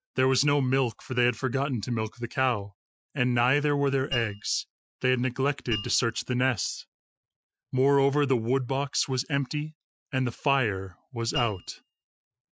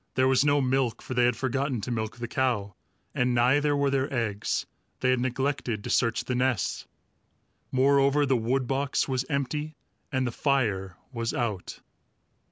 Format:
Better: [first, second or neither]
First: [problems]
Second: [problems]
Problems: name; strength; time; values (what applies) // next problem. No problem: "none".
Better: second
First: noise reduction (classical method Wiener filter)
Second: none